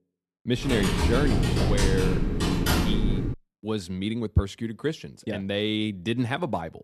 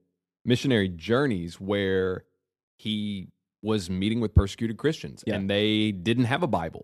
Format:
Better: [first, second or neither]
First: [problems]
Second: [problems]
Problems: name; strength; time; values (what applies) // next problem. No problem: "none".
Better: second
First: keyboard typing; loud; from 0.5 to 3.5 s; peak 5 dB above the speech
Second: none